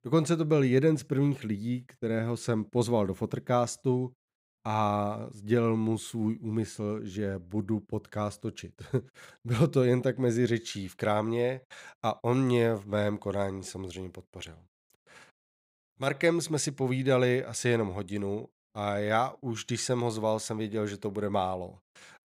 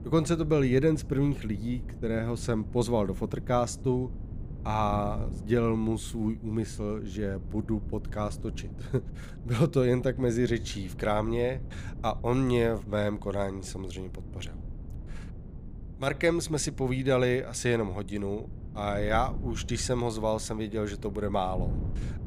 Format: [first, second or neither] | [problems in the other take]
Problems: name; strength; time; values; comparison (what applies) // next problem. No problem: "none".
first | wind noise on the microphone; occasional gusts; 20 dB below the speech